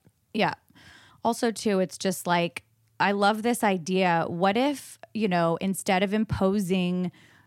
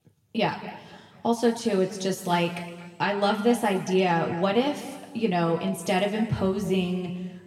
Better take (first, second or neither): first